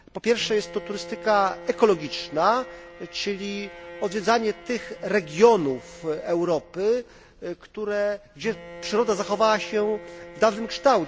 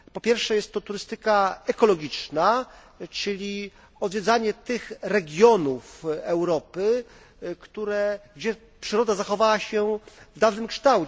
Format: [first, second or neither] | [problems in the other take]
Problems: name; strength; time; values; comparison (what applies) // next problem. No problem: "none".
second | background sound (Bowed string instrument); 17 dB below the speech